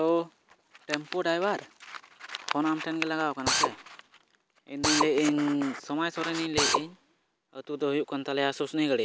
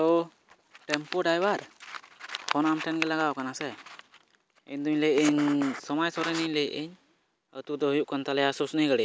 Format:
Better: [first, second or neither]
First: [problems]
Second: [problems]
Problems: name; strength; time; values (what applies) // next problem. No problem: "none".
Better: second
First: background sound (Drill); as loud as the speech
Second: none